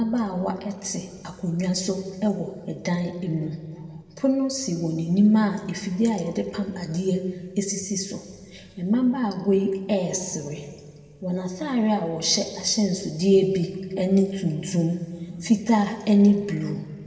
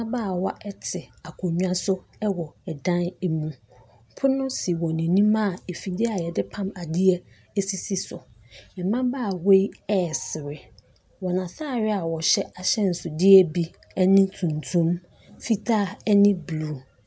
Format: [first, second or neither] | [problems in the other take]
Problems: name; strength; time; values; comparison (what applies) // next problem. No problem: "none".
second | room echo; dies away in 1.4 s